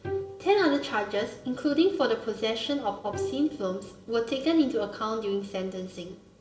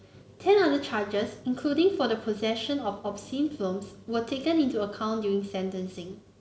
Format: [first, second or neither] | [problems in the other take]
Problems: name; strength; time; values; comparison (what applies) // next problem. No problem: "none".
second | background sound (Bowed string instrument); 13 dB below the speech // room echo; dies away in 0.8 s